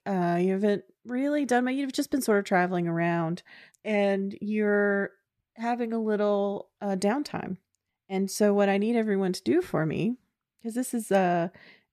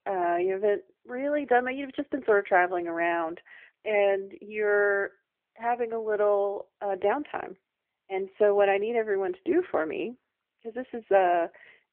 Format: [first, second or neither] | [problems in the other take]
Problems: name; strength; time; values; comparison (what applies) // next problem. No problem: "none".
first | phone-call audio